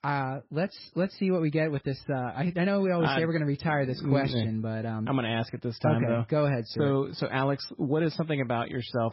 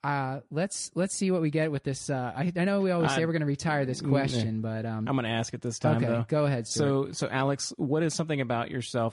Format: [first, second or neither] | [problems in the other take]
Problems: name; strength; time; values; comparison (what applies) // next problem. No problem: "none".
second | garbled, watery; badly; nothing above 5.5 kHz; slightly in the second